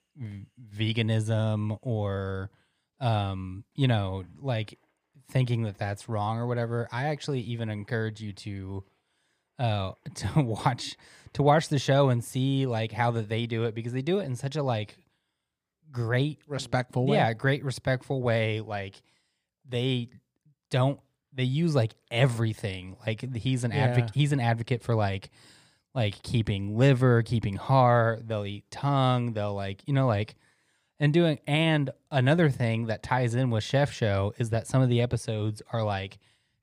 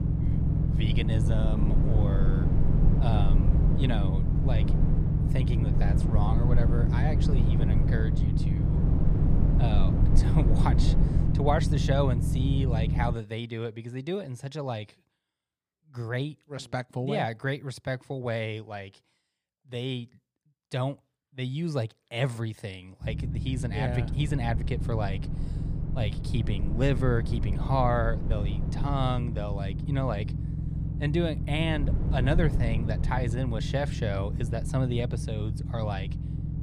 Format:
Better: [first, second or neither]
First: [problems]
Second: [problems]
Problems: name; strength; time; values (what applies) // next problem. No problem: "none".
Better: first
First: none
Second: low rumble; loud; until 13 s and from 23 s on; 5 dB below the speech